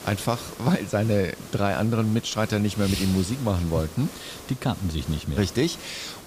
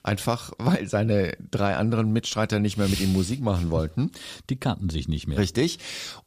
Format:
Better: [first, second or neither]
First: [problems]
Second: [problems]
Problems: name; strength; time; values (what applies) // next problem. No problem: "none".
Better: second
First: hiss; noticeable; throughout; 15 dB below the speech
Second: none